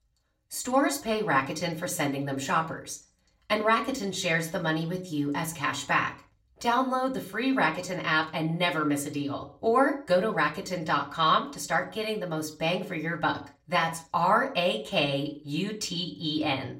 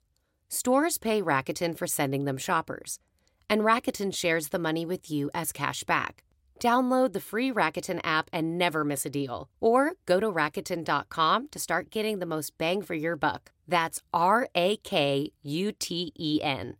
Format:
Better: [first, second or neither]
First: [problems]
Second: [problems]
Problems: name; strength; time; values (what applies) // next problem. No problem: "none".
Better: second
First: room echo; very slight; dies away in 0.3 s // off-mic speech; far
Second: none